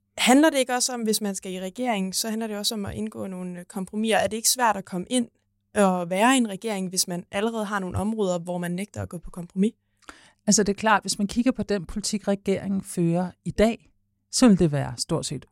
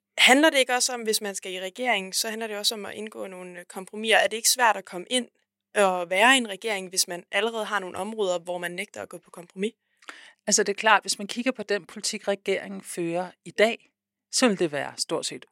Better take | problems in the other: first | thin; somewhat; fading below 400 Hz

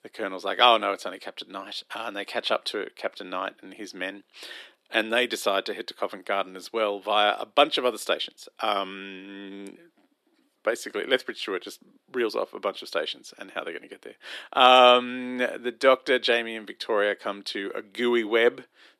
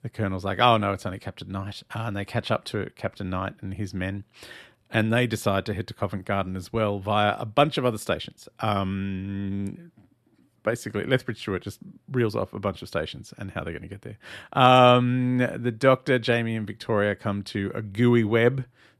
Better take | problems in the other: second | thin; somewhat; fading below 300 Hz

